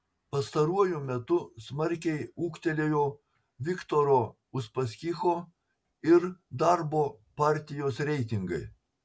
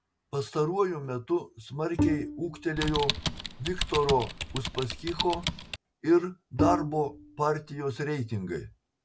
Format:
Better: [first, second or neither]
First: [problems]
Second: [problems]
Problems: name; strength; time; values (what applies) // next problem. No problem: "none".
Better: first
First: none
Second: background sound (Bowed string instrument + Typing); 2 dB below the speech